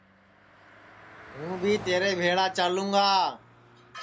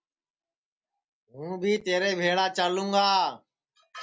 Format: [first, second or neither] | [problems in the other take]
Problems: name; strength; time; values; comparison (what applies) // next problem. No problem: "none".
second | background sound (Car passing by); 18 dB below the speech